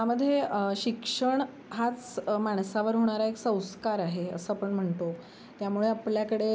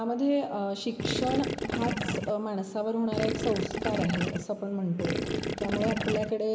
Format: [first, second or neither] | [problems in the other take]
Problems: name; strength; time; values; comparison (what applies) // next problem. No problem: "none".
first | background sound (Gurgling / Liquid); 1 dB below the speech // room echo; dies away in 2.6 s